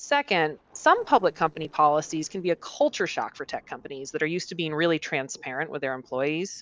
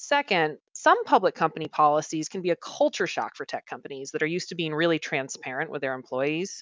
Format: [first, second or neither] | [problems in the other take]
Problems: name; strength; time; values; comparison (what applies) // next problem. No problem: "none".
second | noise reduction (neural separator model SepFormer DNS4)